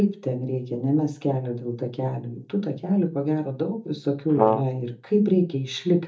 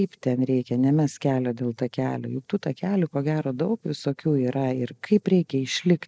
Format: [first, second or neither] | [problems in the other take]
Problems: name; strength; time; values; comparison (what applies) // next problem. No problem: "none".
second | noise reduction (neural mask model DeepFilterNet 3)